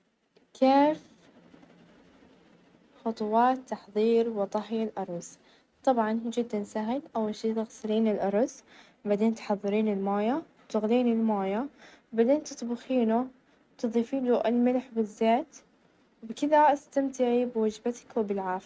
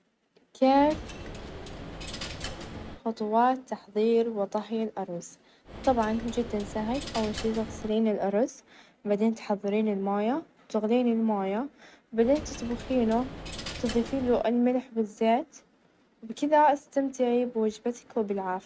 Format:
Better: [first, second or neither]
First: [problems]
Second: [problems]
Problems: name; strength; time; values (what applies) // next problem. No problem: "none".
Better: first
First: none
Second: background sound (Coin (dropping)); 11 dB below the speech